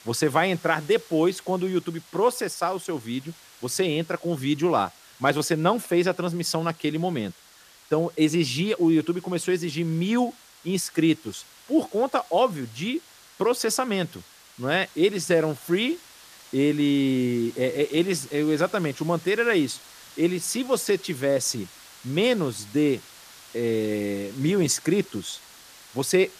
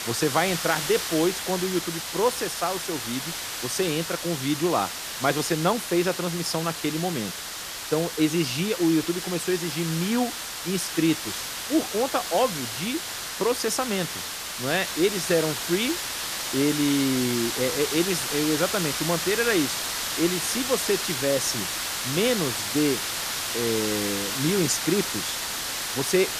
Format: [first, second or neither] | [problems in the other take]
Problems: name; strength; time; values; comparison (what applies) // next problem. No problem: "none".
first | hiss; loud; throughout; 2 dB below the speech; faint in the first